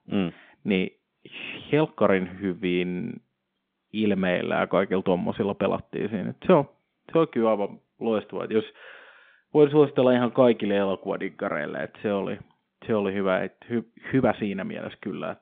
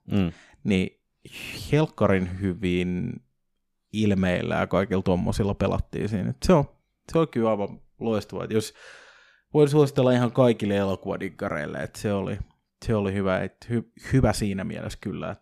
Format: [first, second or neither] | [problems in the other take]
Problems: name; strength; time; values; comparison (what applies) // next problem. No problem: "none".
second | phone-call audio